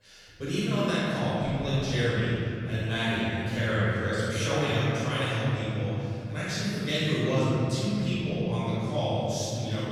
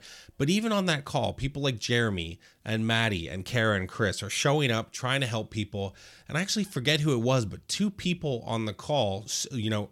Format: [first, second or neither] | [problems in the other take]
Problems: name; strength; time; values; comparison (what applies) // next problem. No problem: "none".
second | off-mic speech; far // room echo; strong; dies away in 3 s